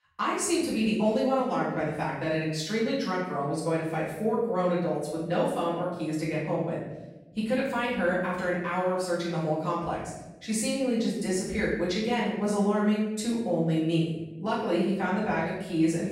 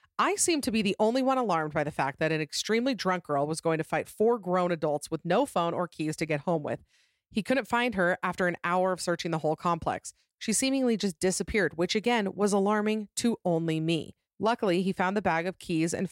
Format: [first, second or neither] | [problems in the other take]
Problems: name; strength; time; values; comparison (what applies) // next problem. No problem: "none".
second | off-mic speech; far // room echo; noticeable; dies away in 0.9 s